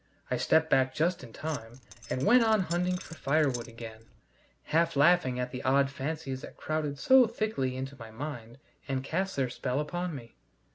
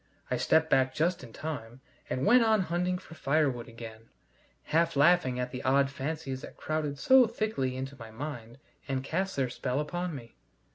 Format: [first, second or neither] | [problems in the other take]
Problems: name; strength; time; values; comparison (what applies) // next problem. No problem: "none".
second | background sound (Keys jangling); 18 dB below the speech